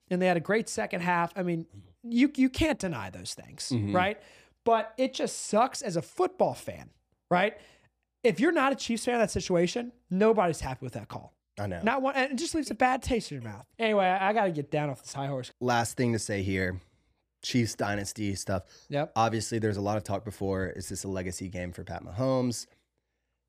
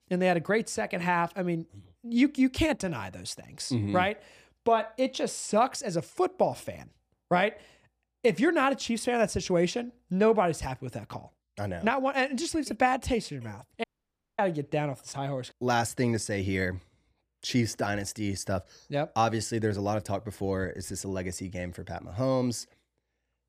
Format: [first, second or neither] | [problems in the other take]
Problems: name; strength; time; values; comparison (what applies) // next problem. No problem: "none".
first | audio cutting out; at 14 s for 0.5 s